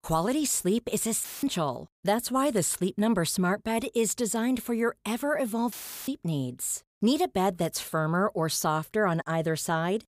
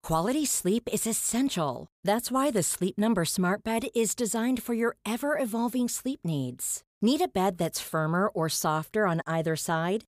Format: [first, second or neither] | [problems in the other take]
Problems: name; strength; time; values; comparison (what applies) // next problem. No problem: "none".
second | audio cutting out; filled with static; at 1 s and at 5.5 s